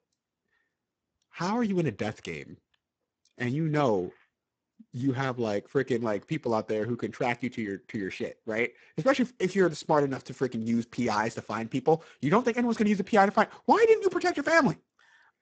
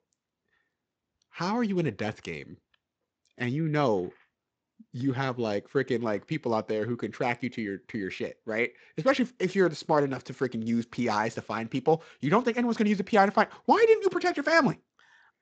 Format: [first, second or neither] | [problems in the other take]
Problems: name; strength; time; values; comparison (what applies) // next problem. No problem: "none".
second | garbled, watery; badly; nothing above 8 kHz; slightly in the second